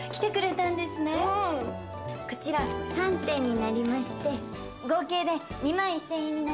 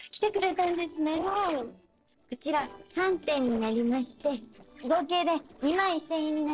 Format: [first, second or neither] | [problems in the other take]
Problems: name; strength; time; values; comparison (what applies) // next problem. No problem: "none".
first | noise reduction (neural separator model SepFormer DNS4)